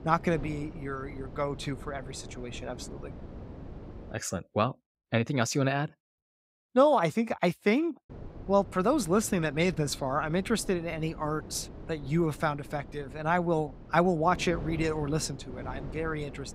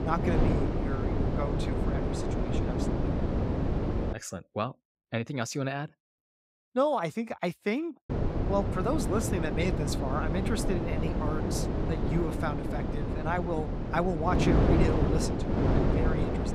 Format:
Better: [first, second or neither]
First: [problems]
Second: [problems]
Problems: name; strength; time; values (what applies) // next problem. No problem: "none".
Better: first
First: wind noise on the microphone; occasional gusts; until 4 s and from 8 s on; 20 dB below the speech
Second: wind noise on the microphone; heavy; until 4 s and from 8 s on; 1 dB below the speech